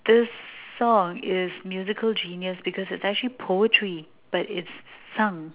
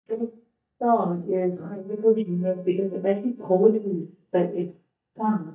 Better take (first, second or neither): first